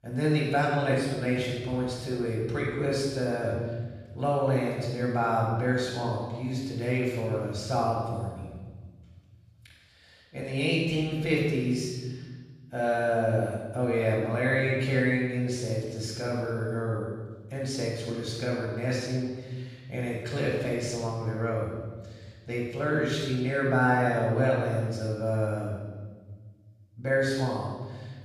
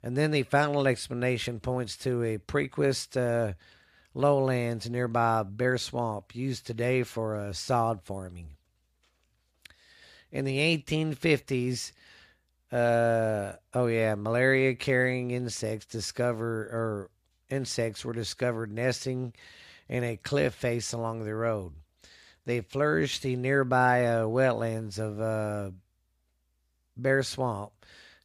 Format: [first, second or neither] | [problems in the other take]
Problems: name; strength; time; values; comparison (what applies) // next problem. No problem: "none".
second | off-mic speech; far // room echo; strong; dies away in 1.6 s